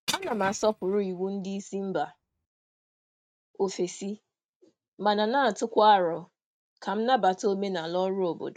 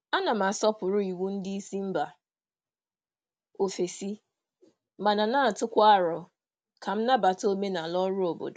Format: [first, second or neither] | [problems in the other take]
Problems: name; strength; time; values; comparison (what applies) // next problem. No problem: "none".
second | noise reduction (neural mask model RNNoise)